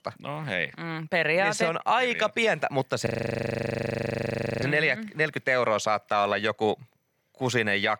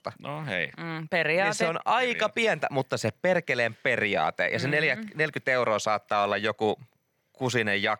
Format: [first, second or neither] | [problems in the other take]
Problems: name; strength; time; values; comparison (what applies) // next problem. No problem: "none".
second | audio freezing; at 3 s for 1.5 s